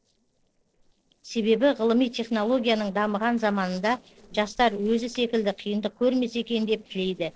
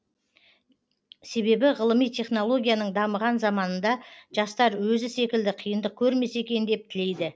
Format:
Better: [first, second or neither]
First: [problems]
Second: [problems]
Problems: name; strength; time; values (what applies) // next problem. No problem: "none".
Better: second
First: noise reduction (neural separator model SepFormer DNS4)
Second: none